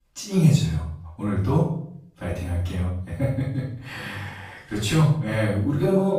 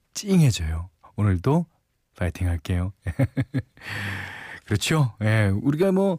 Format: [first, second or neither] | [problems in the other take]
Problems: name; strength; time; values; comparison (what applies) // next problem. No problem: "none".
second | room echo; noticeable; dies away in 0.5 s // off-mic speech; far